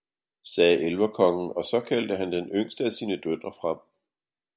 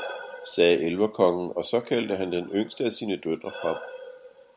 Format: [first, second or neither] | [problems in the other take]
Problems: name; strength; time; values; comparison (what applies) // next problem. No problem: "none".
first | background sound (Breathing); 16 dB below the speech